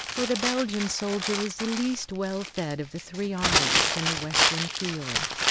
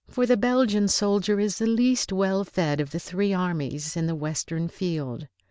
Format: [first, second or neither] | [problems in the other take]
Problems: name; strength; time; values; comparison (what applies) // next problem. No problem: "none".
second | background sound (Crumpling, crinkling); 2 dB above the speech